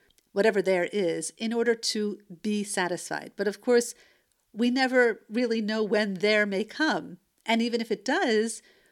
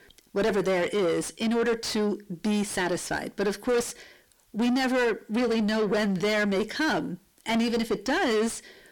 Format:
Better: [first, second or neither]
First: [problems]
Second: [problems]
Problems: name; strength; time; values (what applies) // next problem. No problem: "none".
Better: first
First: none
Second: distortion; heavy; 6 dB below the speech